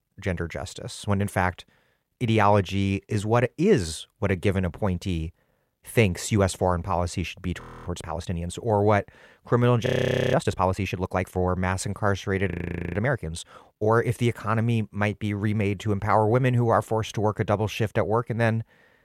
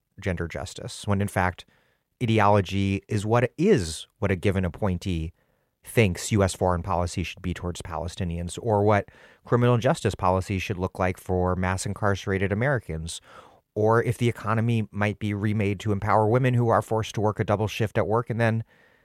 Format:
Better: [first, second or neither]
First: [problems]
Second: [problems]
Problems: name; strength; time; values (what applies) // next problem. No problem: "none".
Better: second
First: audio freezing; at 7.5 s, at 10 s and at 13 s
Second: none